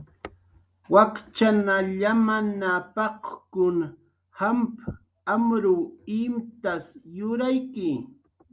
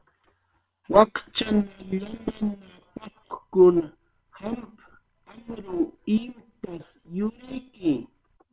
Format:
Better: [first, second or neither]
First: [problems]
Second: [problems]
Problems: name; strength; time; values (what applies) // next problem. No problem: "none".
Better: first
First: none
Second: noise reduction (neural separator model SepFormer WHAM!)